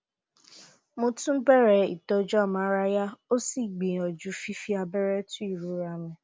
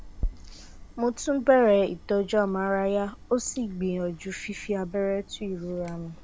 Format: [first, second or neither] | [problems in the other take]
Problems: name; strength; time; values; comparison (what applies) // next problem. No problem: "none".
first | background sound (Chewing, mastication); 14 dB below the speech